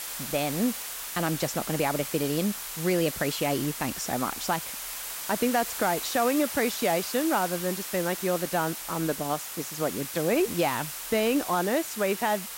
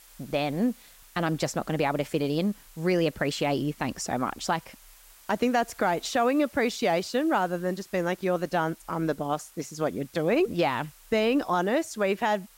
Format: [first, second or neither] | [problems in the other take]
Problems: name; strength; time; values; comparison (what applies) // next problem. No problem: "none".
second | hiss; loud; throughout; 5 dB below the speech; faint in the second